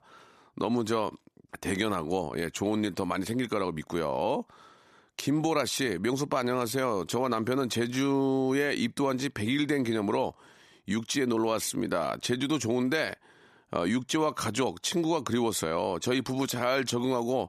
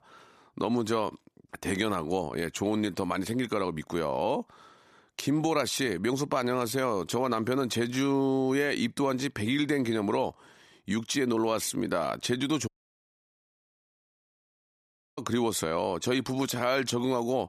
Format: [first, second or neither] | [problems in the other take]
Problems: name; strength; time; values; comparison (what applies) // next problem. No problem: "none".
first | audio cutting out; at 13 s for 2.5 s